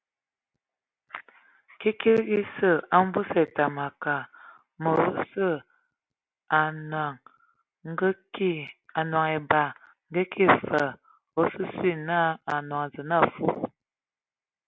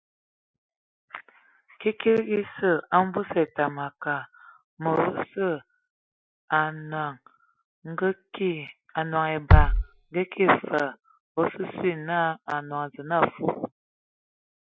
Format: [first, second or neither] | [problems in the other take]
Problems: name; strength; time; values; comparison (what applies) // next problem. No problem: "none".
first | noise reduction (classical method Wiener filter)